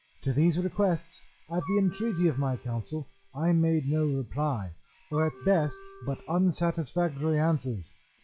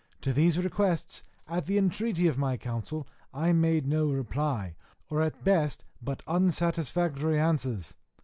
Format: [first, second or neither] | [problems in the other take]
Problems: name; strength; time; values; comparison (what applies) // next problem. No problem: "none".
second | noise reduction (classical method log-MMSE)